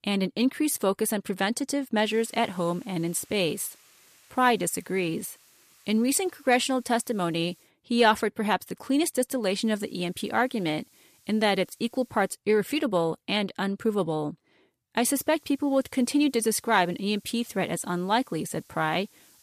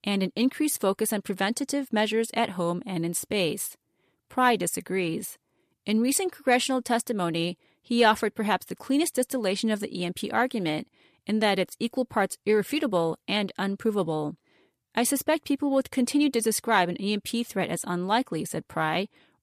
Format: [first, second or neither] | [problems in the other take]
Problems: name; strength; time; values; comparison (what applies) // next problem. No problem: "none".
second | hiss; faint; from 2 to 7.5 s, from 9.5 to 12 s and from 15 s on; 30 dB below the speech